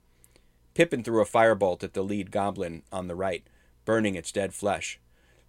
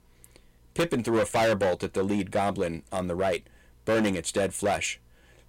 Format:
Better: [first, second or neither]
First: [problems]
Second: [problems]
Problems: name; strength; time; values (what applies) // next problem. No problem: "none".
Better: first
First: none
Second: distortion; heavy; 10% of the sound clipped